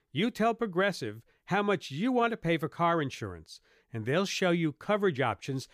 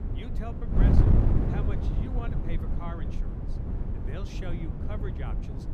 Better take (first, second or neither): first